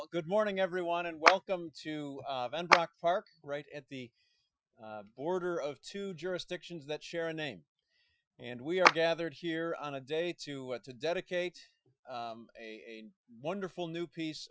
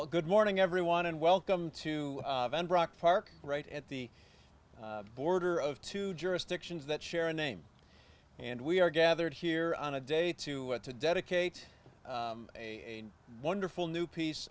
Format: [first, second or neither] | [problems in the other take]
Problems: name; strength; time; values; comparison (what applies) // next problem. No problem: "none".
second | noise reduction (classical method Wiener filter)